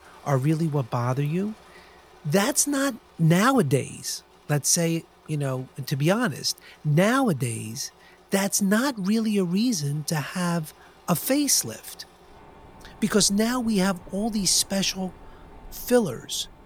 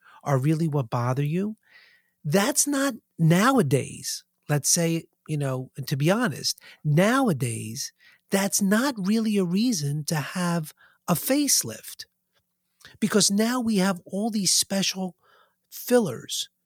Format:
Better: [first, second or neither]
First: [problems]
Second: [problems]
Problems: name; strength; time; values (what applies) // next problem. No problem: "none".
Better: second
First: machinery noise; faint; throughout; 25 dB below the speech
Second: none